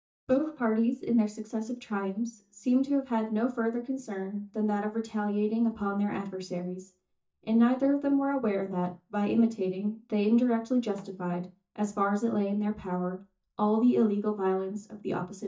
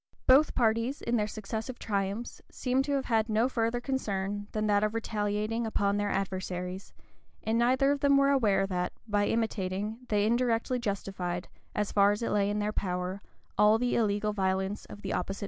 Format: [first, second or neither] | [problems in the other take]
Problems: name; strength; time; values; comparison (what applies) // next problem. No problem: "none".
second | noise reduction (neural mask model DeepFilterNet 3)